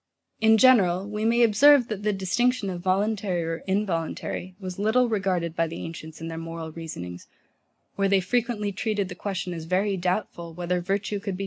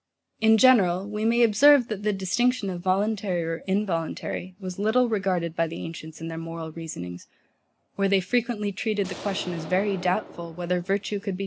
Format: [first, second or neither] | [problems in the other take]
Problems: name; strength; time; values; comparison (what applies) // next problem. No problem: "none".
first | background sound (Explosion); 15 dB below the speech